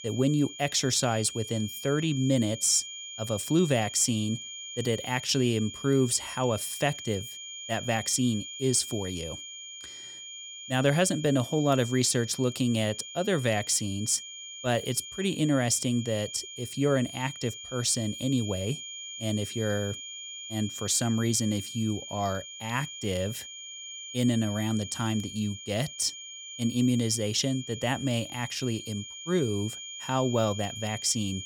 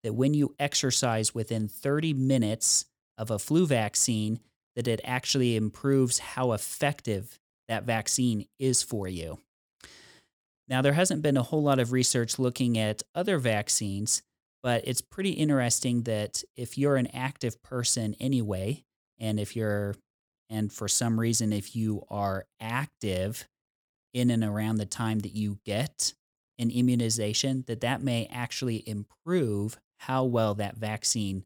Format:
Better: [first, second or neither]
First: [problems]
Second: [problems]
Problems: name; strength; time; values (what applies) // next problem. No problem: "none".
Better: second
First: high-pitched whine; noticeable; throughout; 3 kHz, 10 dB below the speech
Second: none